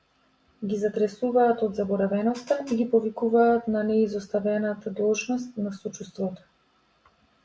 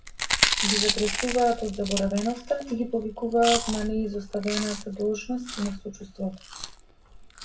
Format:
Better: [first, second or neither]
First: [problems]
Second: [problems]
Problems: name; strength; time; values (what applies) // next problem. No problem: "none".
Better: first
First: none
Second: background sound (Chewing, mastication); 3 dB below the speech // room echo; dies away in 0.2 s